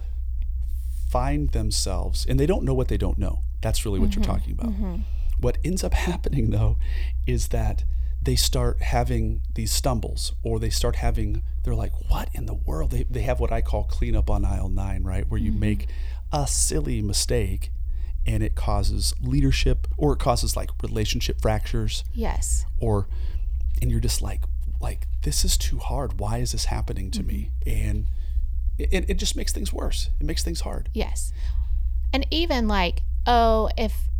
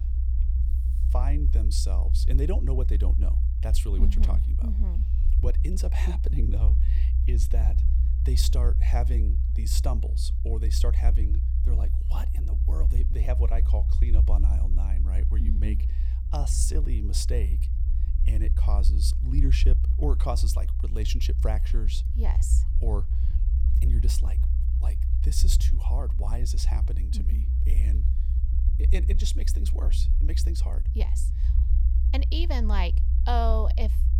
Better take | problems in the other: first | low rumble; loud; throughout; 7 dB below the speech; faint in the first

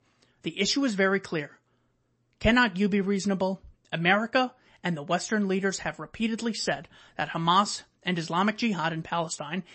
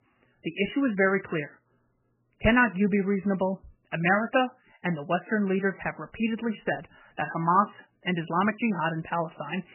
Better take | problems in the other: first | garbled, watery; badly; nothing above 3 kHz; slightly in the first

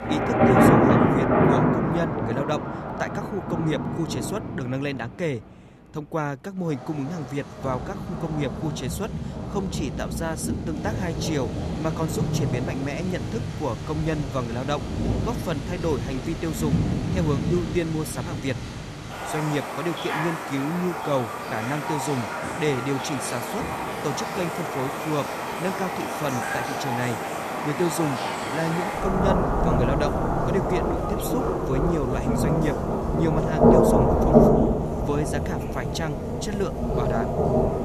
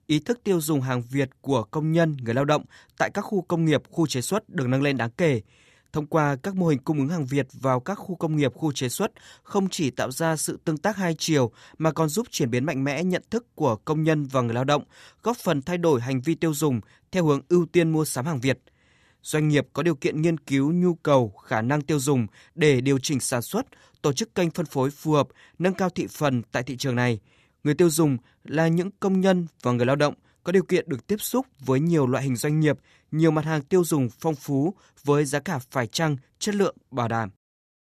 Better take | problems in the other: second | rain or running water; very loud; throughout; 4 dB above the speech

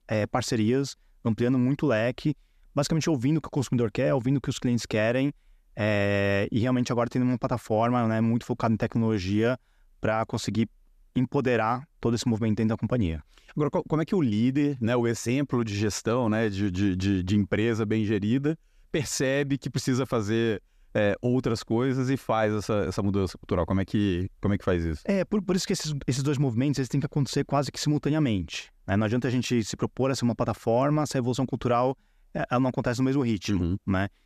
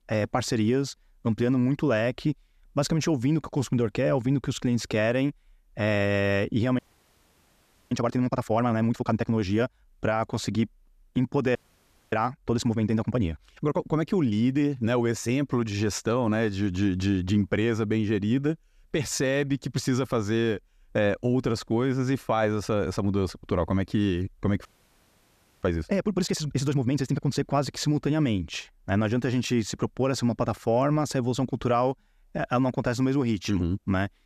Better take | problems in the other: first | audio freezing; at 7 s for 1 s, at 12 s for 0.5 s and at 25 s for 1 s

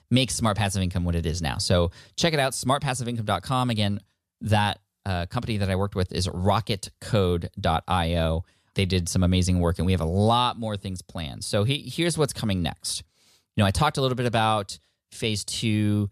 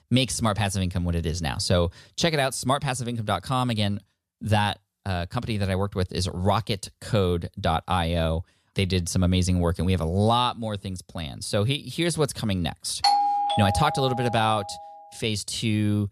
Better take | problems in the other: first | doorbell; loud; from 13 to 15 s; peak 5 dB above the speech

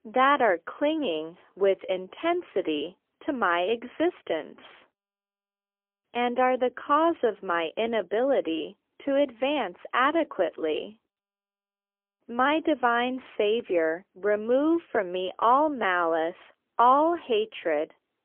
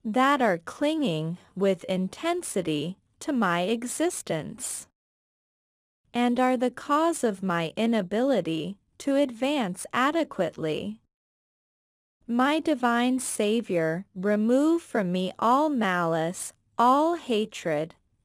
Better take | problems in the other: second | phone-call audio; poor line; nothing above 3.5 kHz

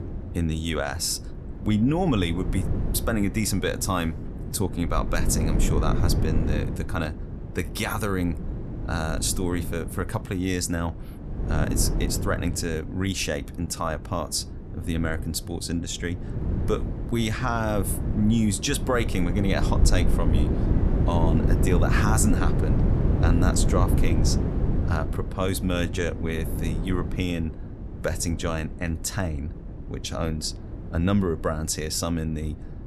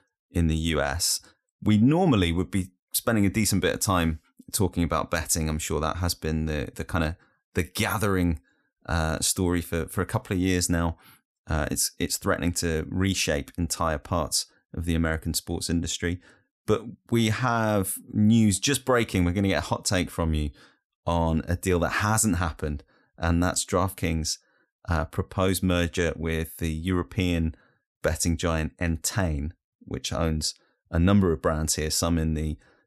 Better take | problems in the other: second | wind noise on the microphone; heavy; 8 dB below the speech

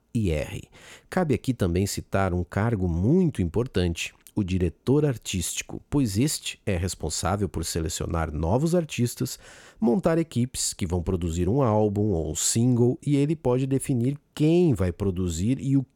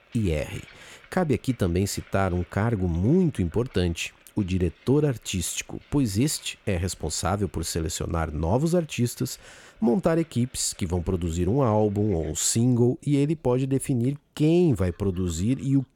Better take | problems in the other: first | household noises; faint; throughout; 30 dB below the speech

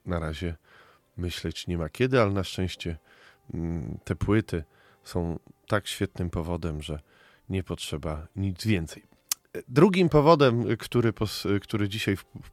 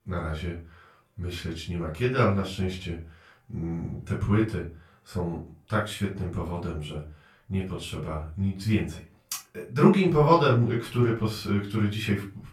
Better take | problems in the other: first | off-mic speech; far // room echo; slight; dies away in 0.3 s

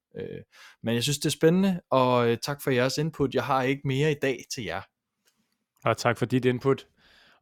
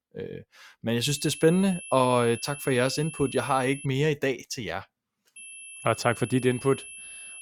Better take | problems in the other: first | high-pitched whine; noticeable; from 1 to 4 s and from 5.5 s on; 2.5 kHz, 15 dB below the speech

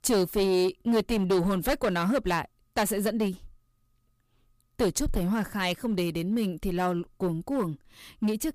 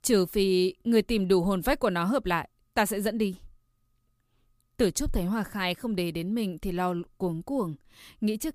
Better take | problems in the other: second | distortion; slight; 8% of the sound clipped

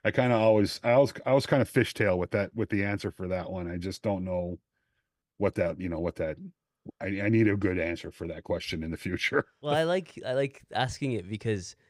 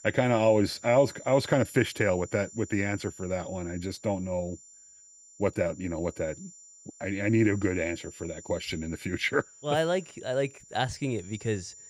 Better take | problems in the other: first | high-pitched whine; noticeable; throughout; 7 kHz, 20 dB below the speech

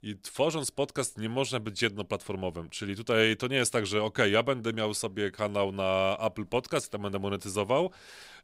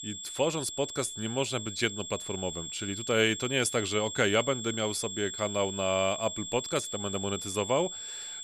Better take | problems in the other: first | high-pitched whine; loud; throughout; 7.5 kHz, 6 dB below the speech

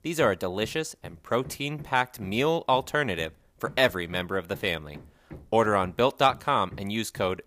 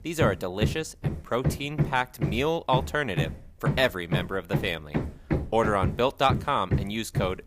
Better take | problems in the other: first | machinery noise; loud; throughout; 4 dB below the speech; faint in the first

